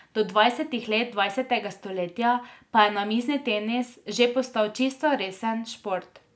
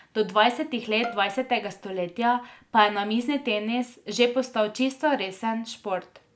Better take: first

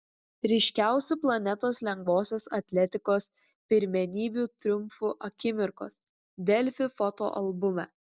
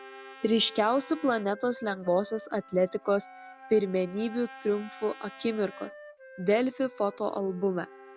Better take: first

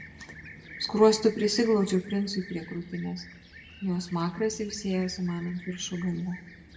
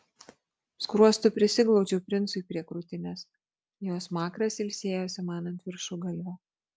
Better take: second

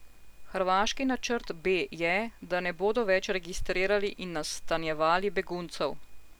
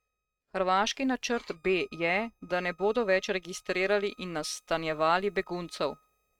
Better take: first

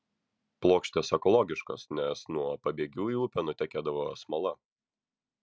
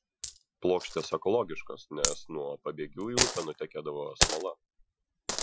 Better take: first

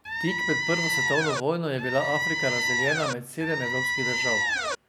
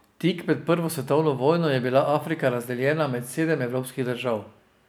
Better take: second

